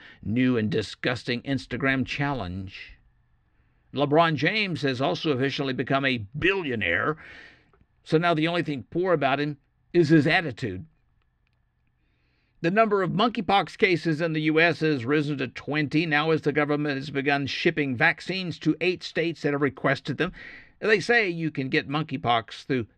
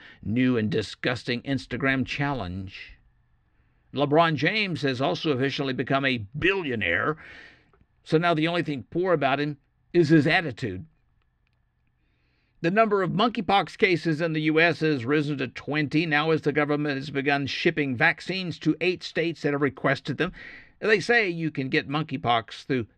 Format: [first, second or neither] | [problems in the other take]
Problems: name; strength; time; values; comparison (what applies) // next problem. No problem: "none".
neither | muffled; slightly; fading above 2.5 kHz; the same in both